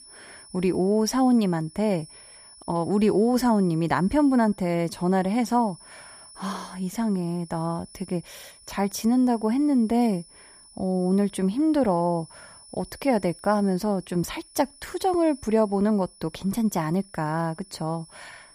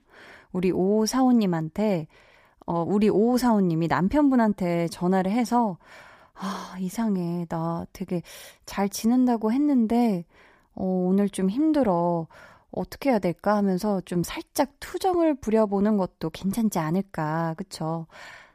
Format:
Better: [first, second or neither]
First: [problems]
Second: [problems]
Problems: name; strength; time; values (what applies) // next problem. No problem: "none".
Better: second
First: high-pitched whine; faint; throughout; 10 kHz, 20 dB below the speech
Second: none